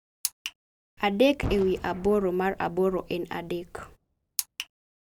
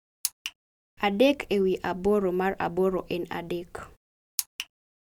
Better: second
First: background sound (Boom); 13 dB below the speech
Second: none

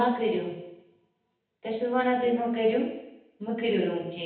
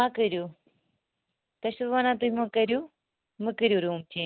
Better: second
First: room echo; dies away in 0.9 s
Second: none

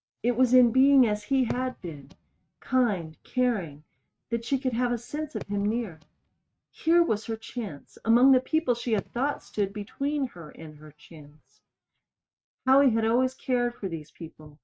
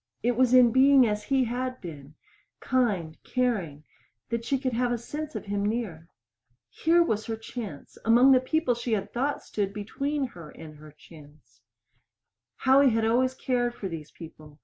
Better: second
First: noise reduction (neural mask model RNNoise)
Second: none

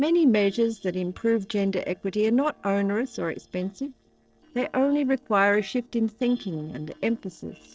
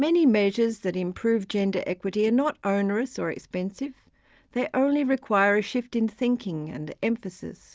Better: second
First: noise reduction (neural separator model SepFormer DNS4)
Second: none

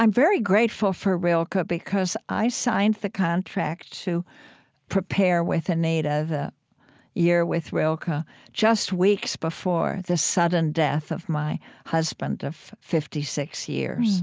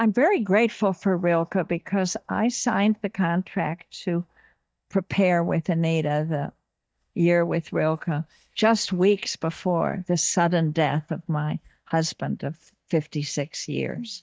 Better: first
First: none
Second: noise reduction (neural mask model DeepFilterNet 3)

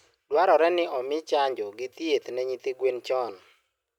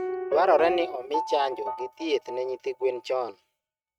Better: first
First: none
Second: noise reduction (neural mask model RNNoise)

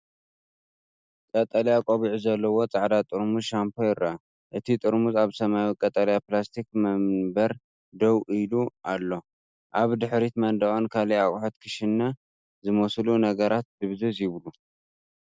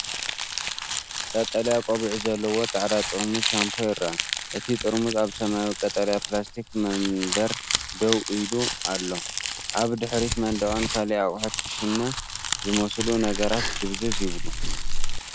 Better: first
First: none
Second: background sound (Crumpling, crinkling + Breathing); 2 dB below the speech

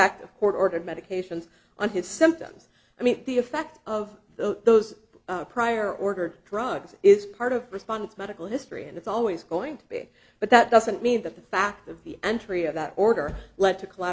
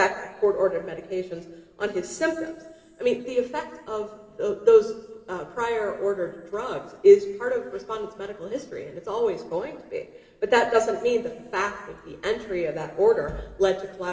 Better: first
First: none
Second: room echo; dies away in 3 s

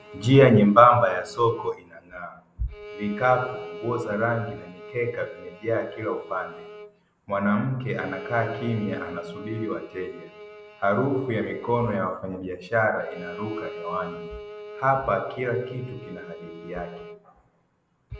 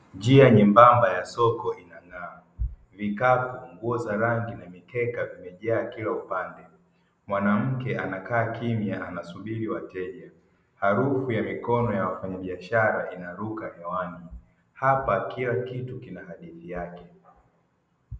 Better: second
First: background sound (Bowed string instrument); 16 dB below the speech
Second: none

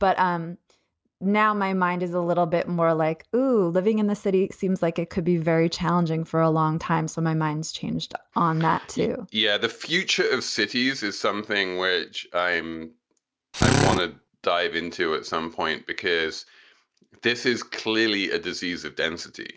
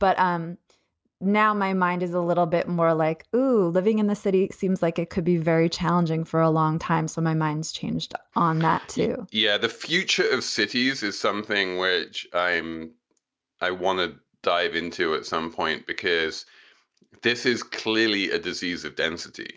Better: second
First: background sound (Drill); 3 dB above the speech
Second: none

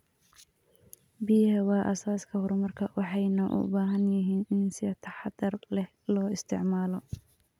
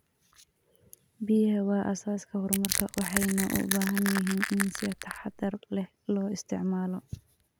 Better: first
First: none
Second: background sound (Crushing); 3 dB below the speech

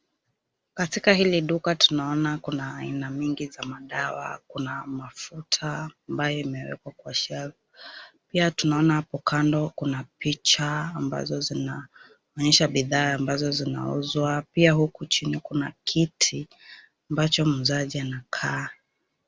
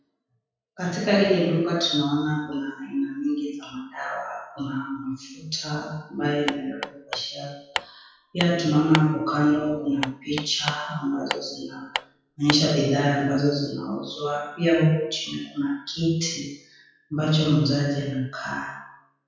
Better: first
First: none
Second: noise reduction (classical method WPE with log-MMSE)

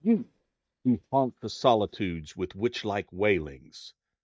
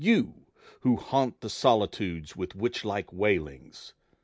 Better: second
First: noise reduction (neural mask model DeepFilterNet 3)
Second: none

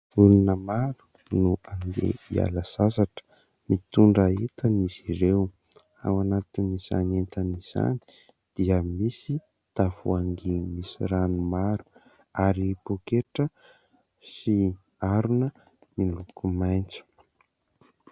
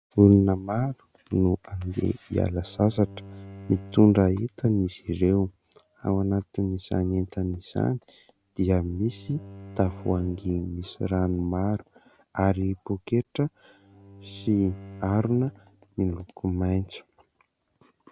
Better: first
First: none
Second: background sound (Bowed string instrument); 20 dB below the speech

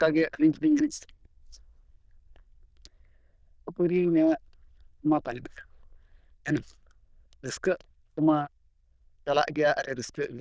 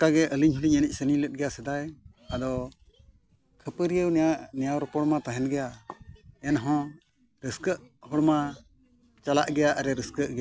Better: second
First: noise reduction (neural diffusion model UNIVERSE++)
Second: none

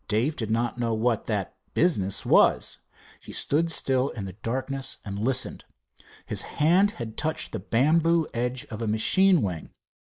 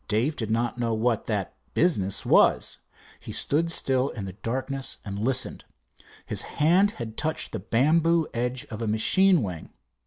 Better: second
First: noise reduction (neural mask model Resemble Enhance denoiser)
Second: none

